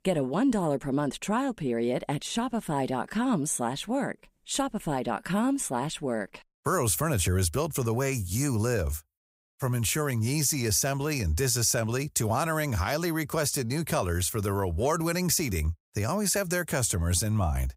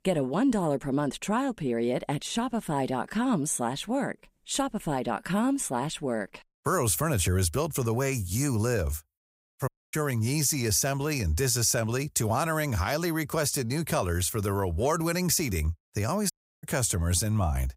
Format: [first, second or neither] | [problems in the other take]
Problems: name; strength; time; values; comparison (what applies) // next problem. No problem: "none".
first | audio cutting out; at 9.5 s and at 16 s